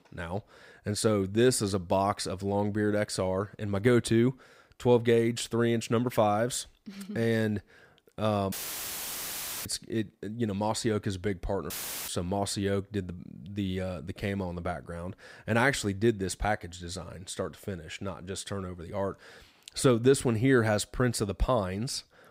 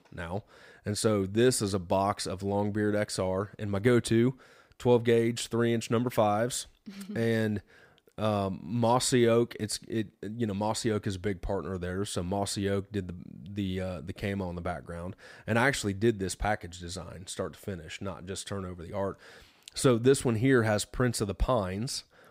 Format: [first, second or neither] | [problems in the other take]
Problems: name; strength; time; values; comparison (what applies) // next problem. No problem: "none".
second | audio cutting out; filled with static; at 8.5 s for 1 s and at 12 s